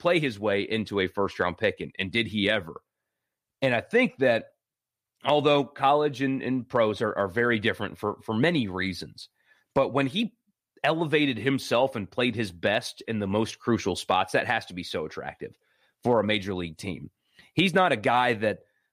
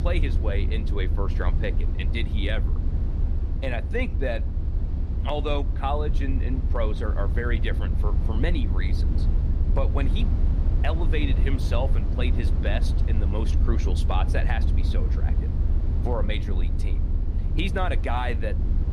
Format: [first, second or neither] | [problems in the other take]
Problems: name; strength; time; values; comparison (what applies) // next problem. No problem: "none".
first | low rumble; loud; throughout; 9 dB below the speech